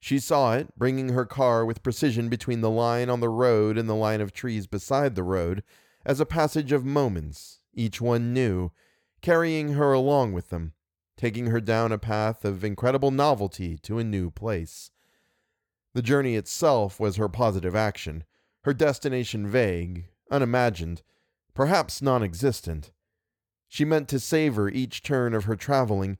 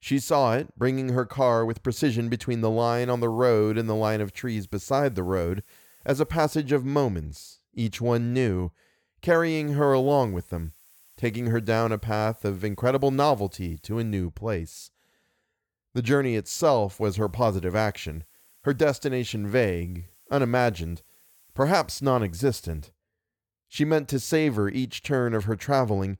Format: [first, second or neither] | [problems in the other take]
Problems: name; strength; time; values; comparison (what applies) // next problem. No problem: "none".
first | hiss; faint; from 3 to 6.5 s, from 9.5 to 14 s and from 17 to 23 s; 30 dB below the speech